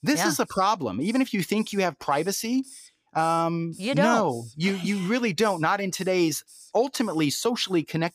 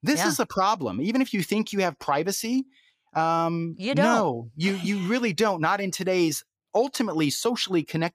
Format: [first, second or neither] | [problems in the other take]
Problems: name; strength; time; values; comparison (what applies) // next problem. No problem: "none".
second | hiss; faint; throughout; 25 dB below the speech